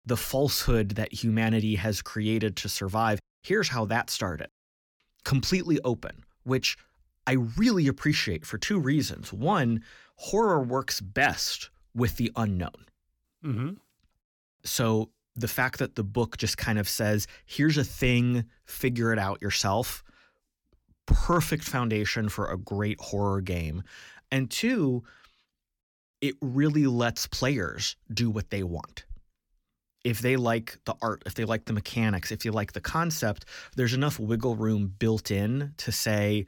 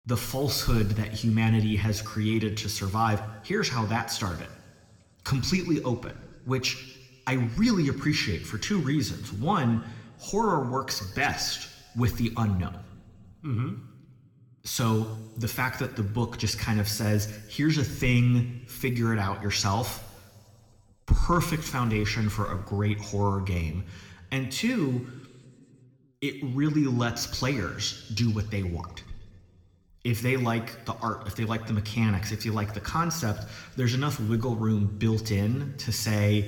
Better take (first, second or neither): first